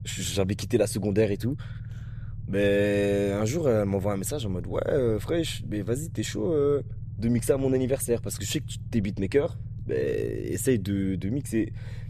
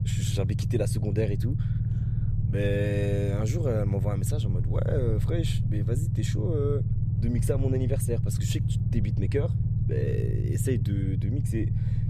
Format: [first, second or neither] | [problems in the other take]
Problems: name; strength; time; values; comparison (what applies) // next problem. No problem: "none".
first | low rumble; loud; throughout; 6 dB below the speech; faint in the first